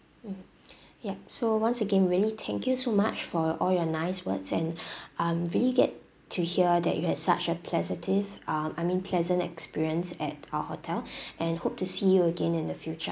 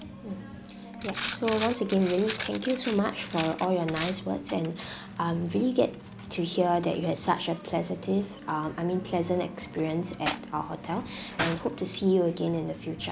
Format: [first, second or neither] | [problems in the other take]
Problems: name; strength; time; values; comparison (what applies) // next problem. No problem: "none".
first | background sound (Coin (dropping)); 10 dB below the speech